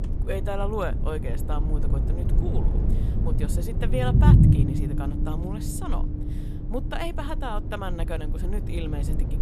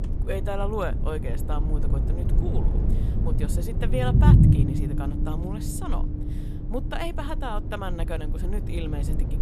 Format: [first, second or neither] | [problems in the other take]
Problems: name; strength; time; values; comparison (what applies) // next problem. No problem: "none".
neither | low rumble; loud; throughout; 3 dB below the speech; the same in both